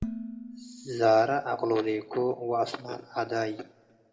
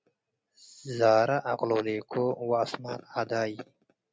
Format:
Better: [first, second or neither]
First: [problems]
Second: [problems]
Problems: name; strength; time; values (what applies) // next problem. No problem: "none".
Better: second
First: background sound (Dishes, pots, and pans); 15 dB below the speech // room echo; dies away in 0.7 s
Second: none